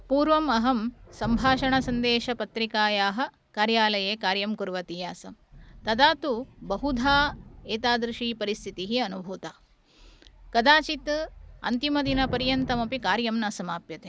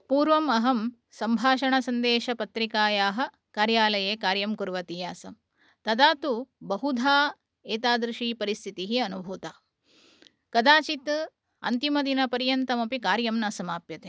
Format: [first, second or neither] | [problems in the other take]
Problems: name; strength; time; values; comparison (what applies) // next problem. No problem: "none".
second | background sound (Thunder / Rain); 16 dB below the speech